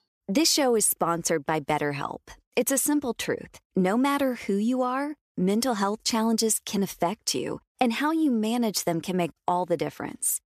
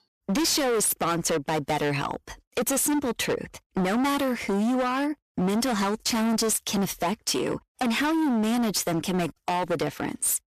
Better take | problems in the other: first | distortion; heavy; 28% of the sound clipped

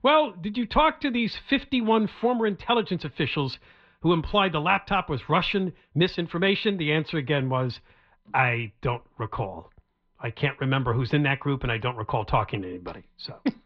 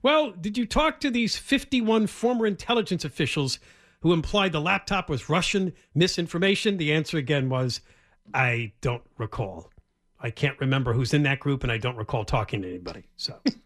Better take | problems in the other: second | muffled; slightly; fading above 4 kHz

